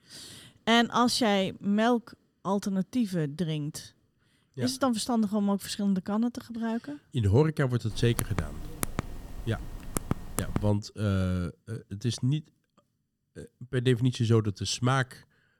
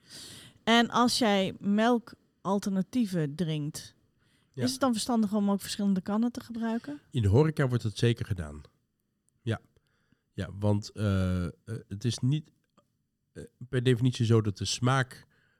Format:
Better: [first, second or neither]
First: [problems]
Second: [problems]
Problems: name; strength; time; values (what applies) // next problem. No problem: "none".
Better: second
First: keyboard typing; noticeable; from 8 to 11 s; peak 5 dB below the speech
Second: none